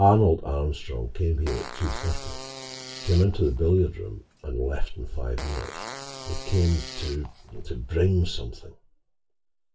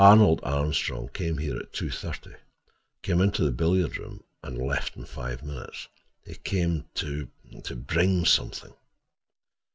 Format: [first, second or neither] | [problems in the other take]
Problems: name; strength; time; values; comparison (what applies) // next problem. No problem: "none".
second | background sound (Fart); 15 dB below the speech // room echo; dies away in 0.2 s